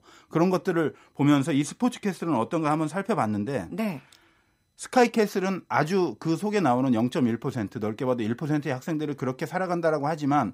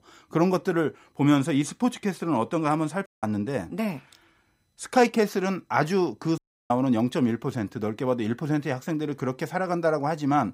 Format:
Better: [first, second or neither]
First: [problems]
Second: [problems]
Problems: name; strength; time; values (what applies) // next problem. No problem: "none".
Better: first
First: none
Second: audio cutting out; at 3 s and at 6.5 s